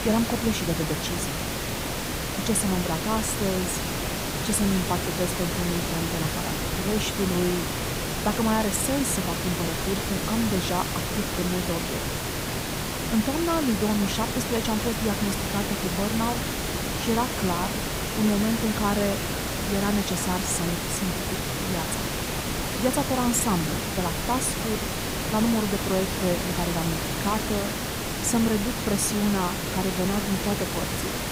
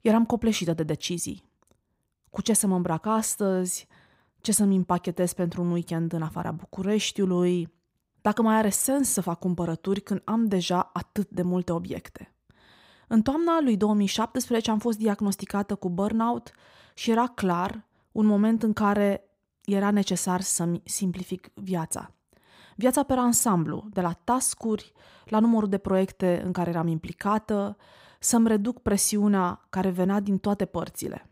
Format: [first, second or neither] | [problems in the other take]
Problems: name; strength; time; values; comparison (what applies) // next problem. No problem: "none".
second | hiss; loud; throughout; as loud as the speech